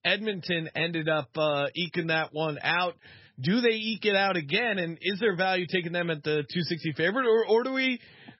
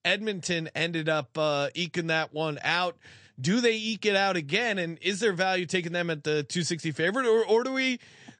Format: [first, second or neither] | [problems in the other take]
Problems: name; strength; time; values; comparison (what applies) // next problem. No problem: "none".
second | garbled, watery; badly; nothing above 5.5 kHz; slightly in the second